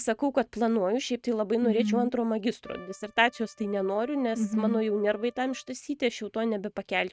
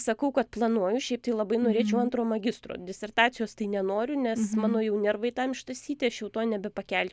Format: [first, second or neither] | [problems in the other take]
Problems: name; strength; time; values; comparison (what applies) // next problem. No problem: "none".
second | noise reduction (neural mask model RNNoise)